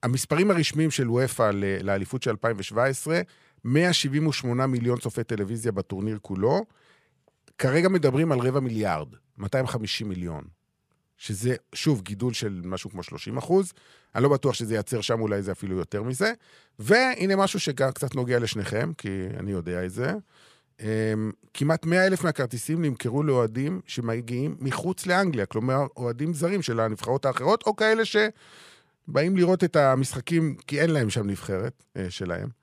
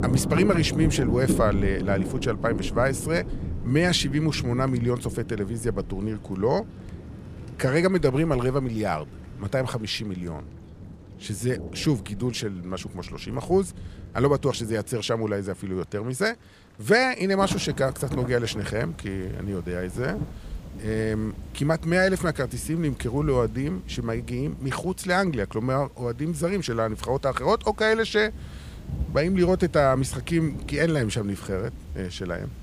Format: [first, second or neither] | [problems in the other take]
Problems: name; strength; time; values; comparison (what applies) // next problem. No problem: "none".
first | rain or running water; loud; throughout; 10 dB below the speech